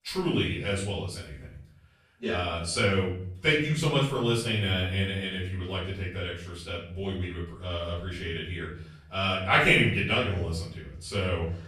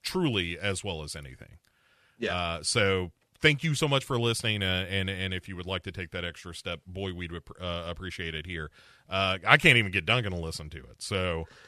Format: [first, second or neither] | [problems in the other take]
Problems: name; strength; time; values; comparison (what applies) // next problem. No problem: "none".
second | off-mic speech; far // room echo; noticeable; dies away in 0.7 s